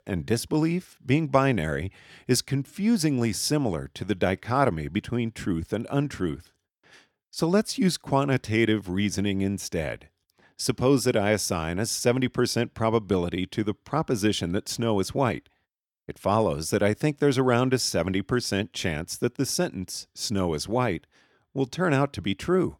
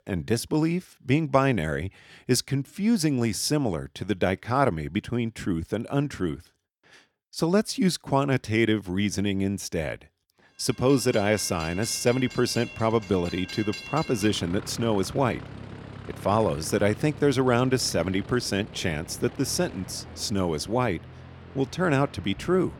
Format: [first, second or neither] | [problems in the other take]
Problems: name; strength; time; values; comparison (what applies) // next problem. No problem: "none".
first | train or aircraft noise; noticeable; from 11 s on; 15 dB below the speech